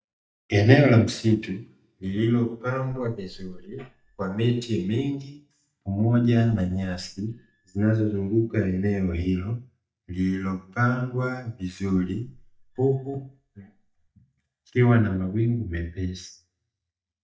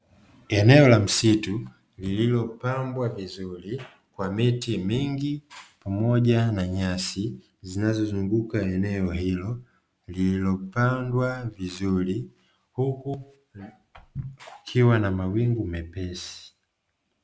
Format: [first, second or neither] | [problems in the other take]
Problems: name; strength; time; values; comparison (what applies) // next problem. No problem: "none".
second | noise reduction (neural mask model DeepFilterNet 3)